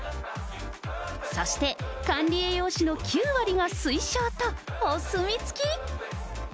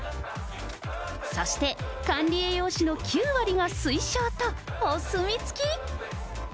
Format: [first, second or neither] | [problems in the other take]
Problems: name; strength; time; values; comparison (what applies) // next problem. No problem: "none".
first | background sound (Slam / Engine starting); 16 dB below the speech